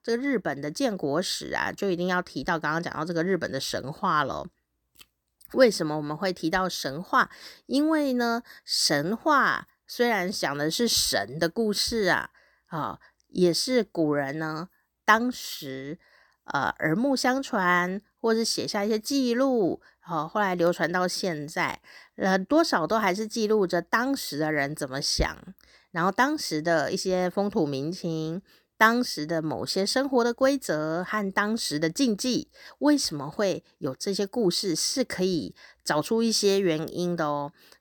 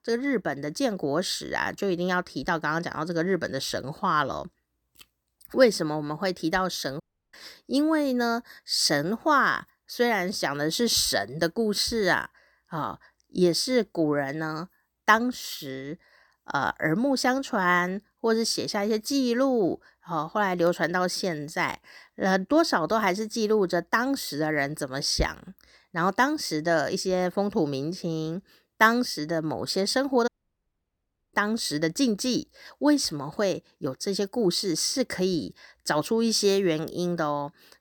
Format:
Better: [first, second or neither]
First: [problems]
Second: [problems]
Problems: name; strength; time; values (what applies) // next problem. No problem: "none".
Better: first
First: none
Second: audio cutting out; at 7 s and at 30 s for 1 s